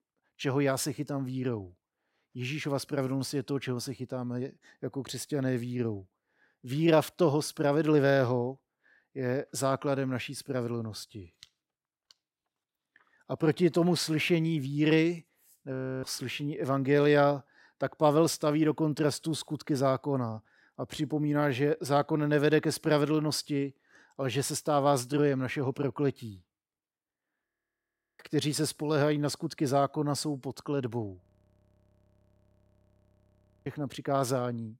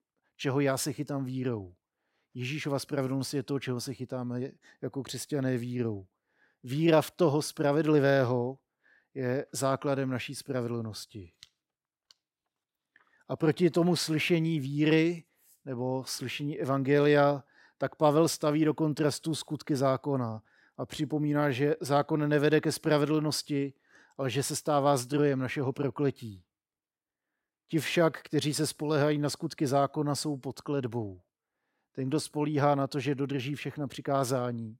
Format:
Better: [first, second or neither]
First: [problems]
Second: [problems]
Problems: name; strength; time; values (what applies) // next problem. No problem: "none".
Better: second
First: audio freezing; at 16 s, at 27 s for 0.5 s and at 31 s for 2.5 s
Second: none